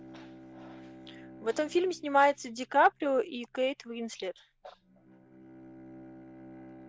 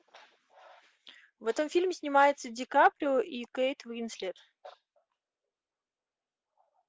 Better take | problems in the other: second | background sound (Bowed string instrument); 19 dB below the speech

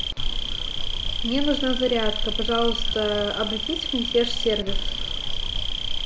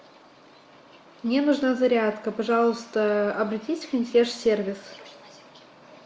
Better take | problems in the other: second | background sound (Insect); 2 dB above the speech

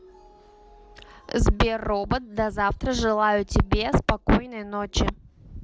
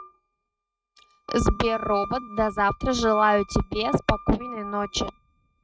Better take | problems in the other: first | noise reduction (neural mask model RNNoise)

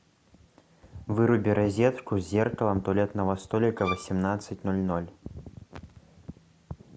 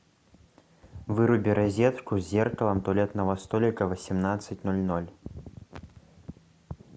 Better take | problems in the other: second | background sound (Bowed string instrument); 8 dB below the speech

